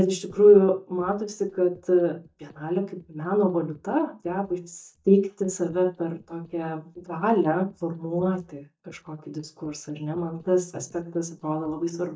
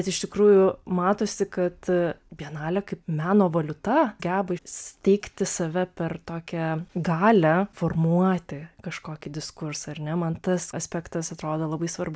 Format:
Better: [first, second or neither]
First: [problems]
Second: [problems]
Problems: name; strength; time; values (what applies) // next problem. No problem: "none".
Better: second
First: noise reduction (neural mask model DeepFilterNet 3)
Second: none